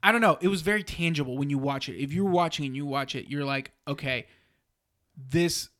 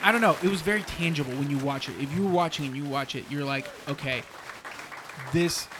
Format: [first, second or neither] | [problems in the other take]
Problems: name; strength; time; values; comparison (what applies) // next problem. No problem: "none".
first | crowd noise; noticeable; throughout; 15 dB below the speech